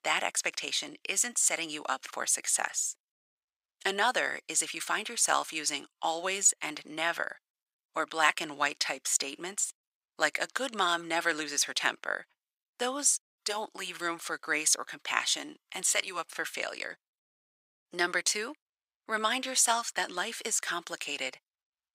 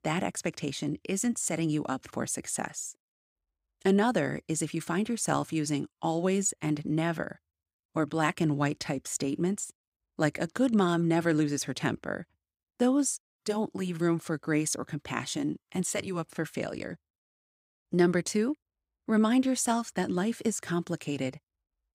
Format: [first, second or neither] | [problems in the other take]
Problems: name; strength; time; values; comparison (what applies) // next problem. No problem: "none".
second | thin; very; fading below 900 Hz